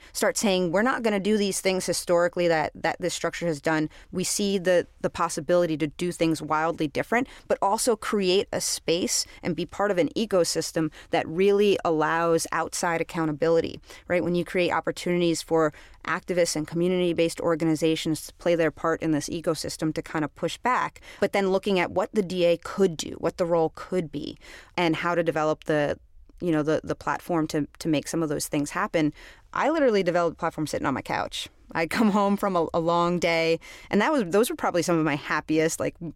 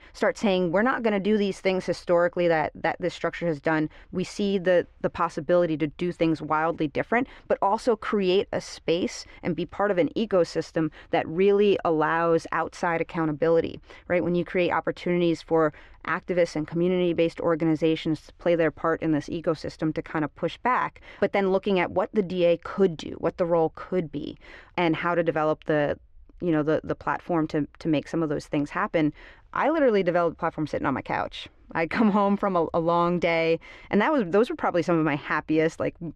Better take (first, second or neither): first